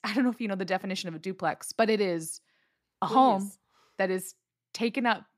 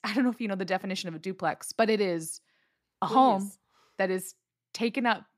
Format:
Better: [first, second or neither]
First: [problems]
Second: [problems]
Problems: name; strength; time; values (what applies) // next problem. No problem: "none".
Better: neither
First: none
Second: none